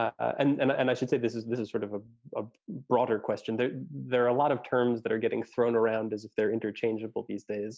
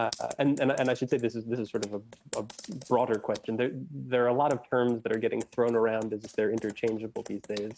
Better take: first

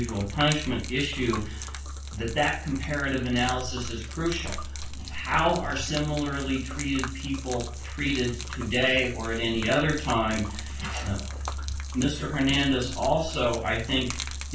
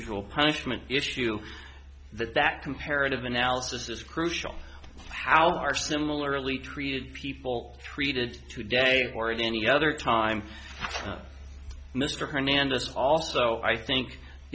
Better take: second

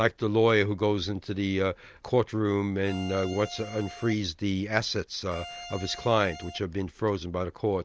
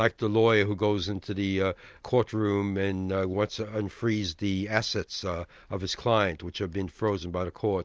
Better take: second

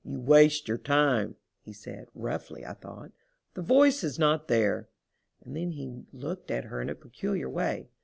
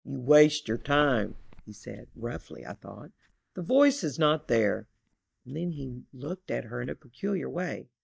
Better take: first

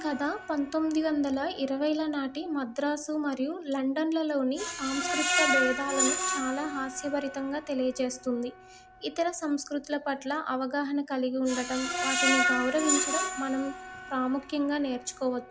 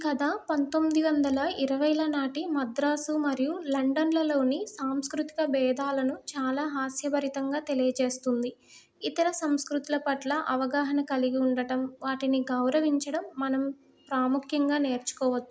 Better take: second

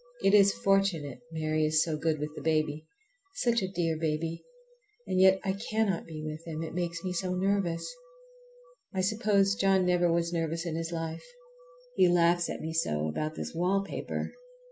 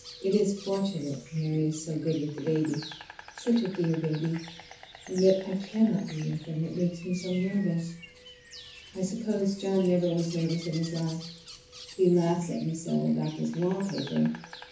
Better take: first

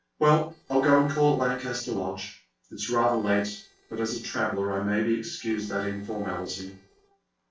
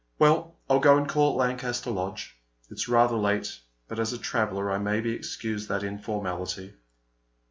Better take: second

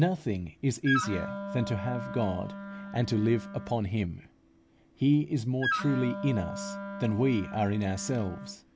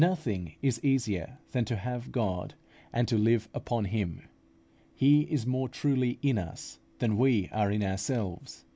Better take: second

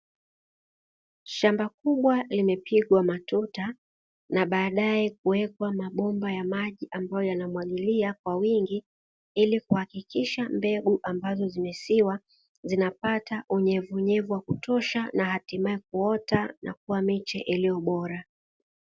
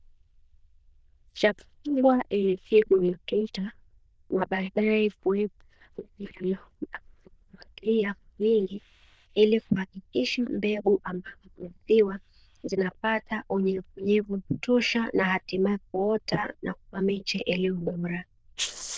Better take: first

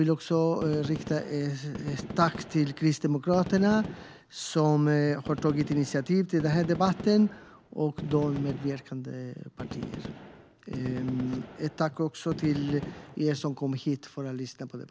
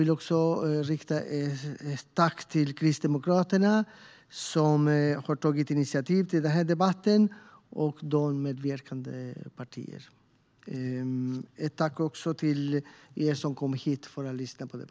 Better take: second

